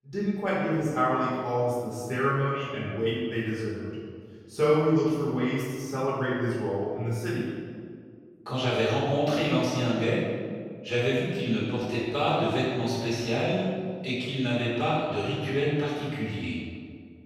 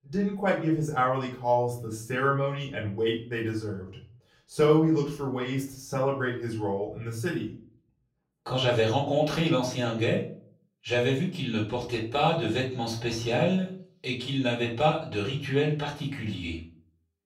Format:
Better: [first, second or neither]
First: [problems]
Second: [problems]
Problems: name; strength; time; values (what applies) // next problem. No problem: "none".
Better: second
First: room echo; strong; dies away in 1.7 s // off-mic speech; far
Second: room echo; slight; dies away in 0.4 s // off-mic speech; far